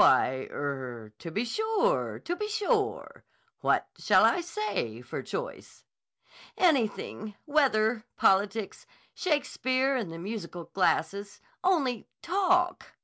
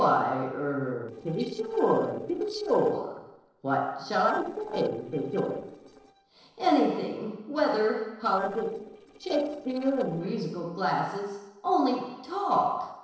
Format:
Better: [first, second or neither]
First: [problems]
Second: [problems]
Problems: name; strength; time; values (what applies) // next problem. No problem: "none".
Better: first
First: none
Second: noise reduction (neural separator model SepFormer DNS4)